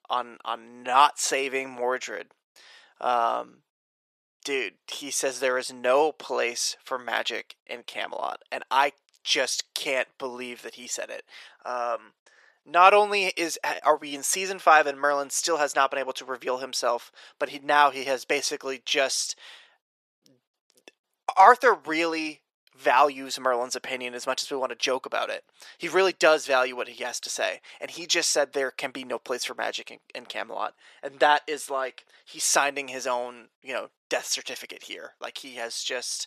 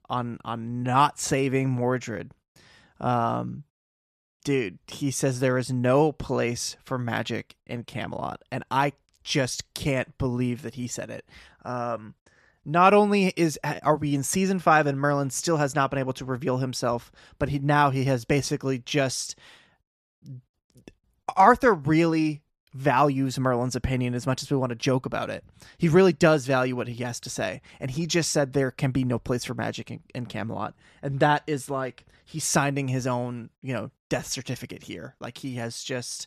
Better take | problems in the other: second | thin; very; fading below 450 Hz

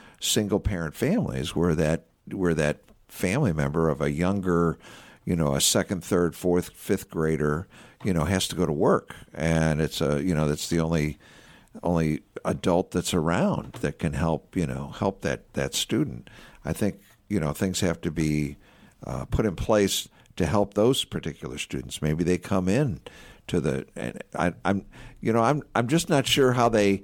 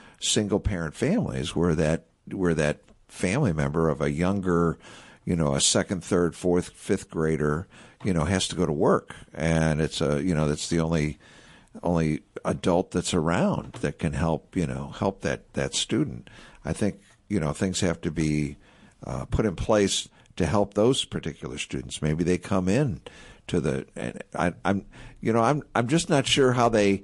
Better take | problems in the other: first | garbled, watery; slightly

